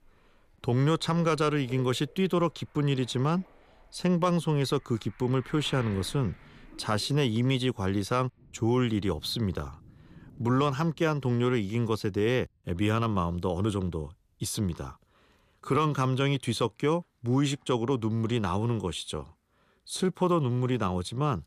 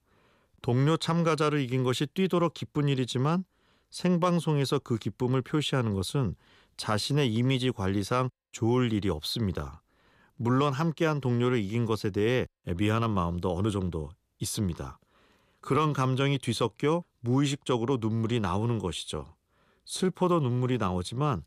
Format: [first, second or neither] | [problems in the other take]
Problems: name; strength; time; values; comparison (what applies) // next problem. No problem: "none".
second | rain or running water; faint; throughout; 25 dB below the speech